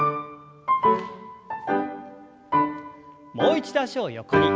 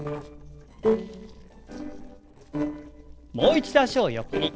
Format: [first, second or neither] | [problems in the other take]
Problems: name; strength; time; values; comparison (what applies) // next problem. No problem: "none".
first | noise reduction (neural separator model SepFormer DNS4)